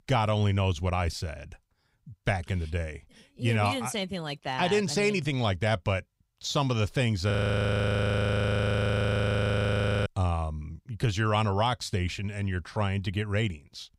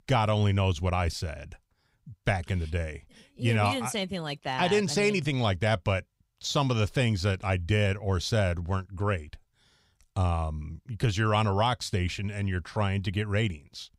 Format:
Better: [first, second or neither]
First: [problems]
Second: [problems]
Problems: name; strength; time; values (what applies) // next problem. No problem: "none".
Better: second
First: audio freezing; at 7.5 s for 3 s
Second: none